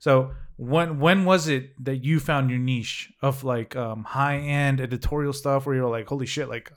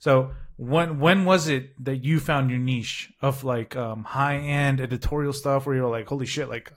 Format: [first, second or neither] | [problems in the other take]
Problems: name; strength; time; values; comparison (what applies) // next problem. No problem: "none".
first | garbled, watery; slightly; nothing above 15.5 kHz